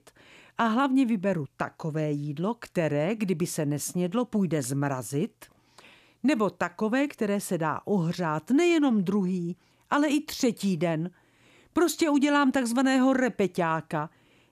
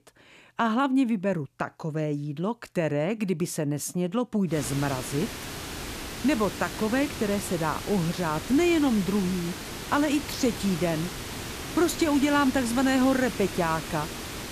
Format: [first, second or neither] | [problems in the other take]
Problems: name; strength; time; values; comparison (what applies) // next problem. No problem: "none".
first | hiss; loud; from 4.5 s on; 9 dB below the speech